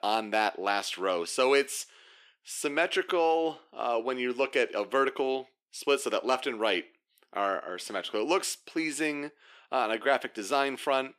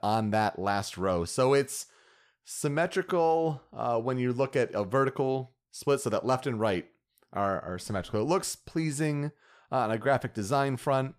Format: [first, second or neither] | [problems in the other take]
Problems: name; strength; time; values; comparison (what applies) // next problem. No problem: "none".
second | thin; somewhat; fading below 300 Hz